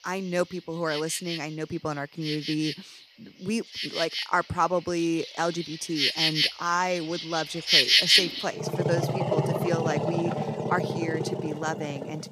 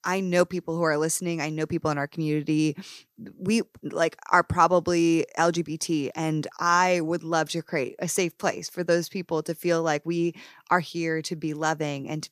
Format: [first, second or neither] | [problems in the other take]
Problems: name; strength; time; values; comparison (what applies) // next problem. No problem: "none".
second | animal sounds; very loud; throughout; 5 dB above the speech